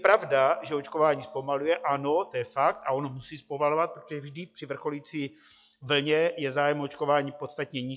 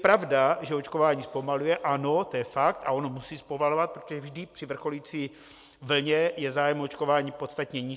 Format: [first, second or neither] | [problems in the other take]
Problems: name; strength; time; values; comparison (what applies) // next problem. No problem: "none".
second | noise reduction (classical method log-MMSE)